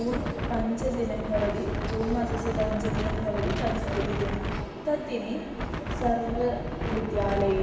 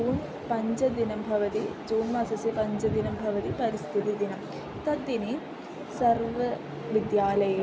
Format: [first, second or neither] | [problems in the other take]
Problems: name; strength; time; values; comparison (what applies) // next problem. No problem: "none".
second | background sound (Wind); 3 dB below the speech // room echo; dies away in 1.2 s